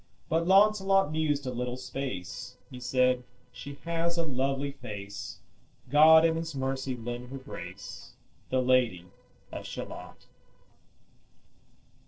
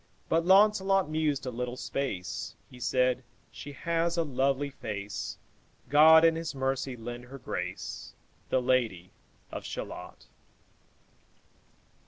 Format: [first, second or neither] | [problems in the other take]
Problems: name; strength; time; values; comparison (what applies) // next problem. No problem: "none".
second | noise reduction (neural separator model SepFormer DNS4)